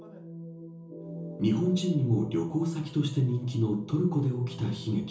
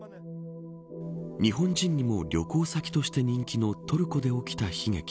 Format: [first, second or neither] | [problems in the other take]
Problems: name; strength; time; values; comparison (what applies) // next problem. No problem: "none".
second | room echo; dies away in 1.2 s